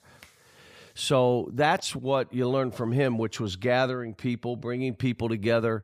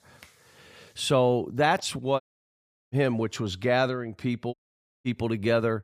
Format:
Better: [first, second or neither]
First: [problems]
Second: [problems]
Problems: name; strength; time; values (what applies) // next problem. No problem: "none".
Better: first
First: none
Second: audio cutting out; at 2 s for 0.5 s and at 4.5 s for 0.5 s